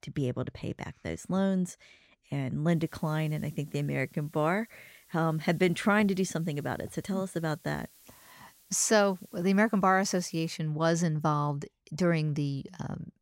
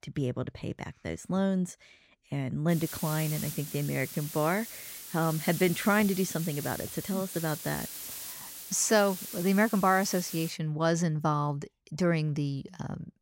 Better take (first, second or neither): first